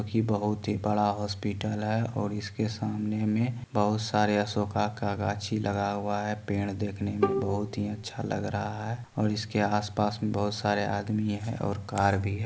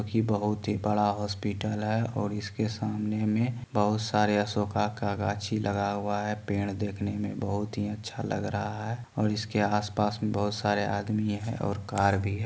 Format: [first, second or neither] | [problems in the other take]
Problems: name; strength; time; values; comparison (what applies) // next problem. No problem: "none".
second | background sound (Bowed string instrument); 6 dB below the speech